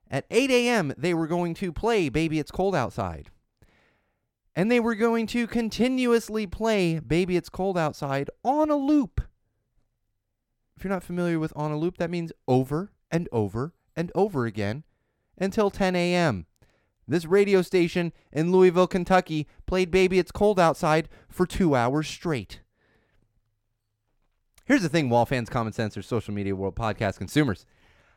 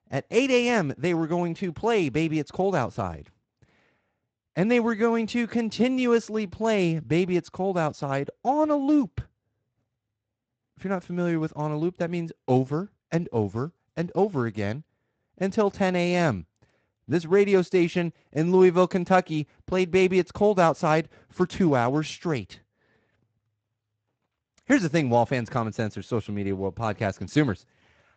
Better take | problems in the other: first | garbled, watery; slightly; nothing above 8 kHz

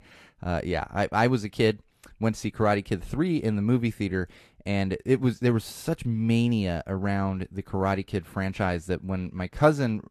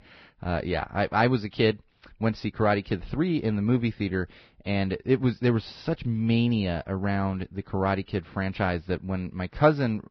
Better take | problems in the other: first | garbled, watery; badly; slightly in the first

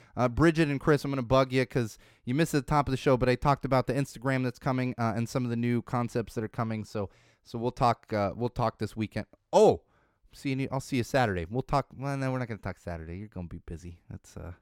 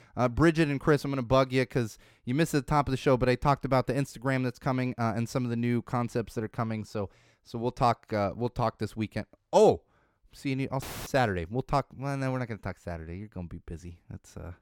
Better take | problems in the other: first | audio cutting out; filled with static; at 11 s

